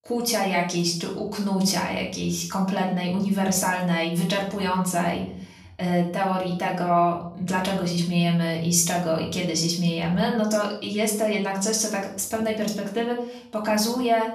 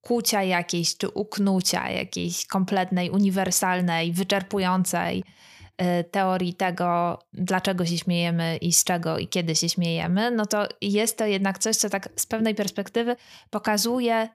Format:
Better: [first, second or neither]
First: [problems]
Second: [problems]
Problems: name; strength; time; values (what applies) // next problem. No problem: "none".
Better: second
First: off-mic speech; far // room echo; slight; dies away in 0.5 s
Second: none